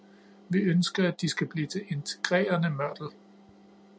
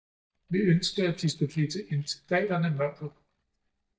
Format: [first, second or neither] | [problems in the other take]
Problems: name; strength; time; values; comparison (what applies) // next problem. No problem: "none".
first | noise reduction (neural mask model DeepFilterNet 3)